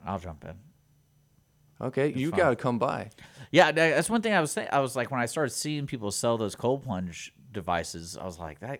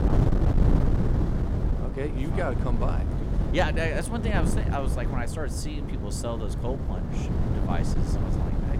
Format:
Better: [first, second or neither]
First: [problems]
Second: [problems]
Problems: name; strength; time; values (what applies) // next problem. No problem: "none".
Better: first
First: none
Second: wind noise on the microphone; heavy; 4 dB below the speech